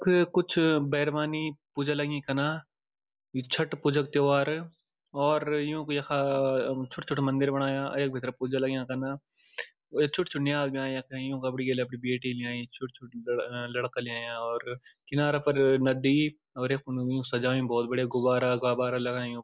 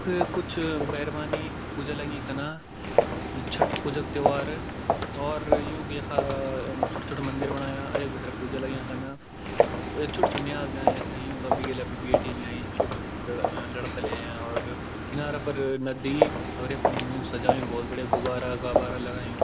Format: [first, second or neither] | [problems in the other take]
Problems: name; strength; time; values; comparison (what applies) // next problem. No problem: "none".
first | background sound (Walk, footsteps); 4 dB above the speech